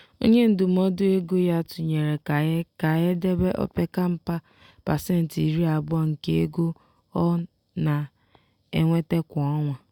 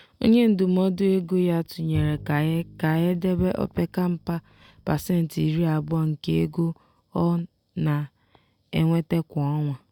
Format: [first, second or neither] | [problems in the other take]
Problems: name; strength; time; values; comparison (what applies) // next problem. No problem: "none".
first | background sound (Bowed string instrument); 16 dB below the speech